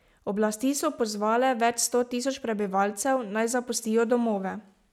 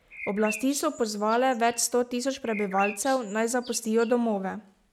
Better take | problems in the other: first | background sound (Bird); 14 dB below the speech

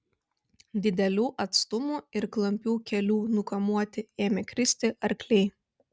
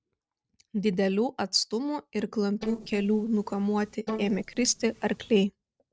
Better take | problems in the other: first | noise reduction (neural separator model SepFormer DNS4)

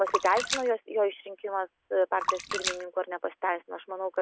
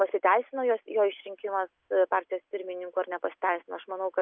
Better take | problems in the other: second | background sound (Splash, splatter); 7 dB below the speech

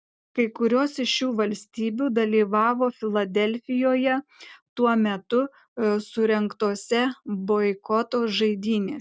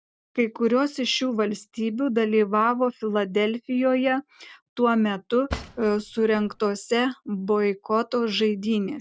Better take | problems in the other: first | background sound (Cutlery, silverware / Drawer open or close); 13 dB below the speech

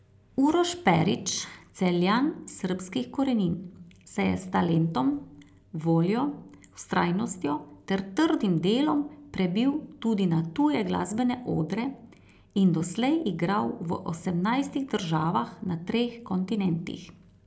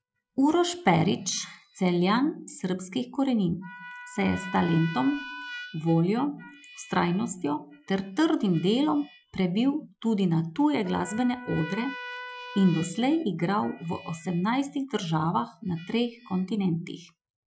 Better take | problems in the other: first | noise reduction (classical method Wiener filter)

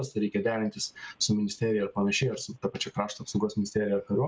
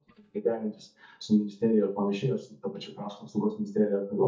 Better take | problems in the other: first | noise reduction (neural mask model DeepFilterNet 3)

